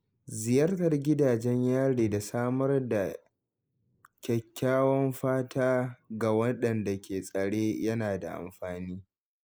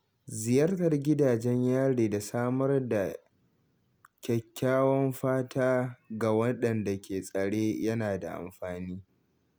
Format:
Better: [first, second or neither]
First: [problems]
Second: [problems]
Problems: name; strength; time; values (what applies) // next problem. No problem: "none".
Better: second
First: noise reduction (neural mask model Resemble Enhance denoiser)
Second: none